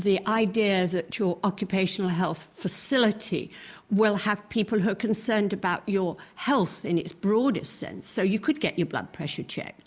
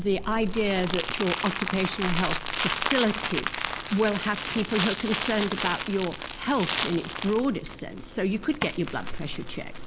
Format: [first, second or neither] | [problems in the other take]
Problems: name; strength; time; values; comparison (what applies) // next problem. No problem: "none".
first | background sound (Crumpling, crinkling); 4 dB below the speech